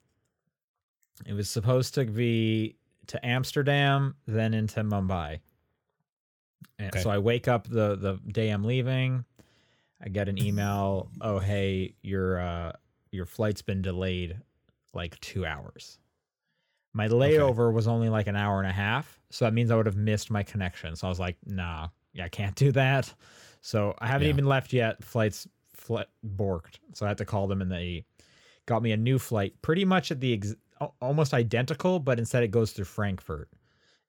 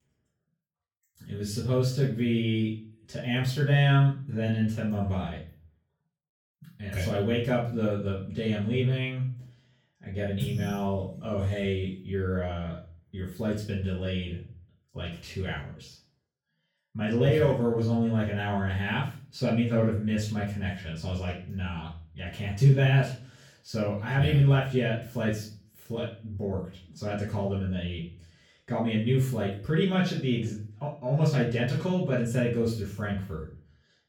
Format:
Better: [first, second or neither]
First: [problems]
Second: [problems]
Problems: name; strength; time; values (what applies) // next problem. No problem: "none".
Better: first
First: none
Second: off-mic speech; far // room echo; noticeable; dies away in 0.4 s